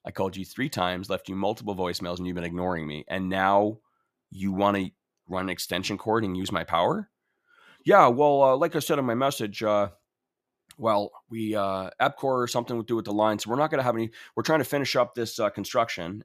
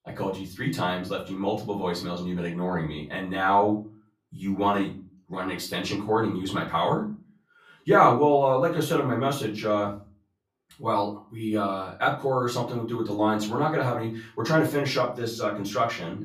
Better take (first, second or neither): first